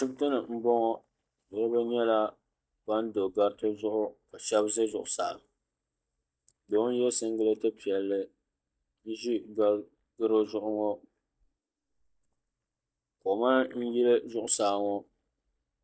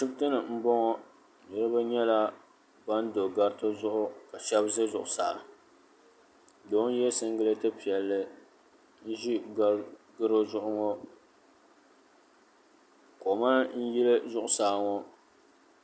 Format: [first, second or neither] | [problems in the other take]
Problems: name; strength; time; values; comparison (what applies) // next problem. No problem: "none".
second | noise reduction (neural mask model DeepFilterNet 3)